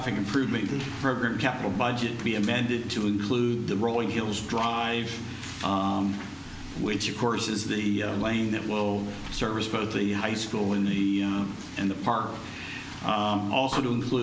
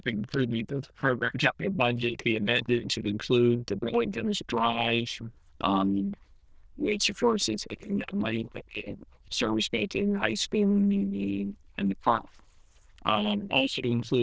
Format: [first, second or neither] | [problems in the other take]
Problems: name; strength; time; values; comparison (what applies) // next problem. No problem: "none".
first | noise reduction (neural diffusion model UNIVERSE++)